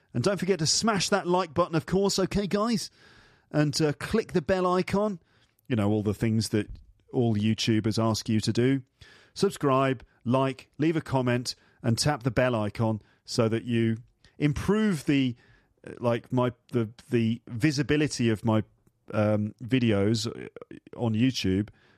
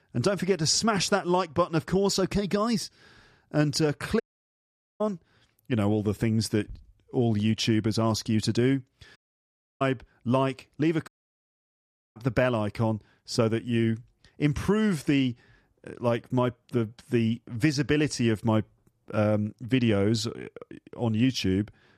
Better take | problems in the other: first | audio cutting out; at 4 s for 1 s, at 9 s for 0.5 s and at 11 s for 1 s

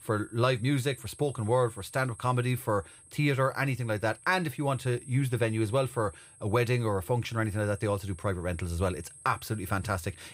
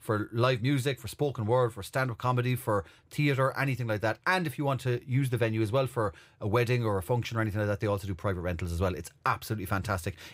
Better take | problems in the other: second | high-pitched whine; noticeable; throughout; 8.5 kHz, 20 dB below the speech

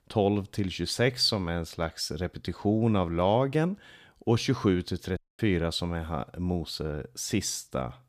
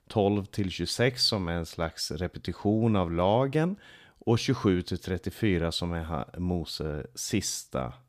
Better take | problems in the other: second | audio cutting out; at 5 s

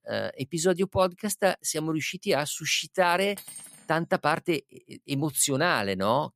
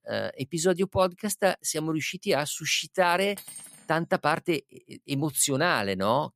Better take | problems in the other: neither | clattering dishes; faint; at 3.5 s; peak 15 dB below the speech; the same in both

